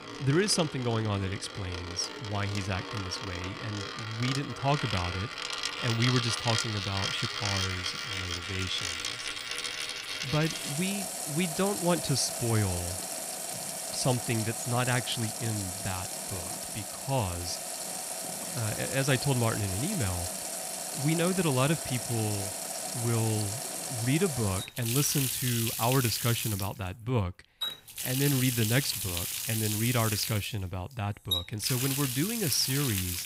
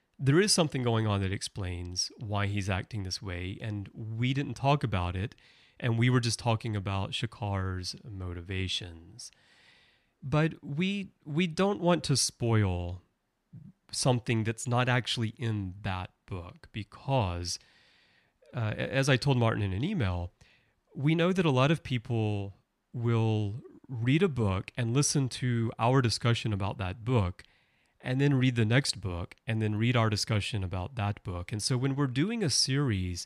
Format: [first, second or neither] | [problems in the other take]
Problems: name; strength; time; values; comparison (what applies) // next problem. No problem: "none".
second | household noises; loud; throughout; 2 dB below the speech